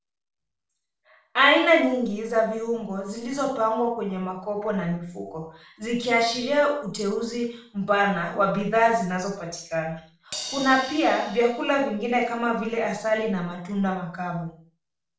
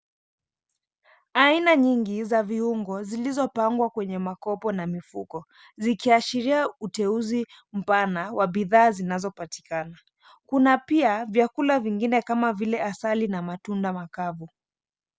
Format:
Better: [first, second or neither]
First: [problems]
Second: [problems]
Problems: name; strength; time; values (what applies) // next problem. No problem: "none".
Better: second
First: noise reduction (neural separator model SepFormer DNS4)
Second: none